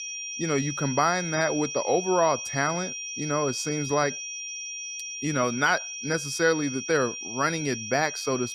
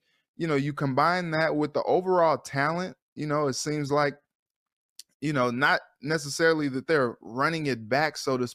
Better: second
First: high-pitched whine; loud; throughout; 5.5 kHz, 6 dB below the speech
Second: none

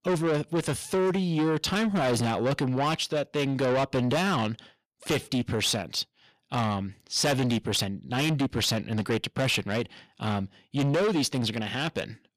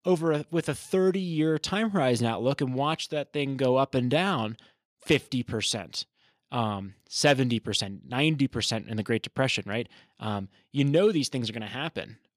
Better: second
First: distortion; heavy; 7 dB below the speech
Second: none

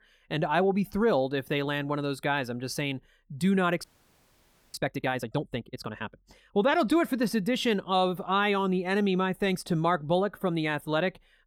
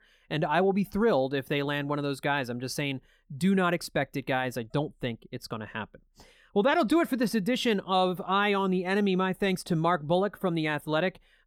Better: second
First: audio freezing; at 4 s for 1 s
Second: none

